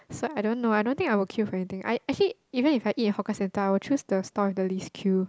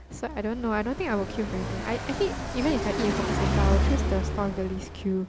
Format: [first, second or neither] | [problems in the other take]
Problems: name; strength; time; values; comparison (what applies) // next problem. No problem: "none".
first | background sound (Car passing by); 1 dB above the speech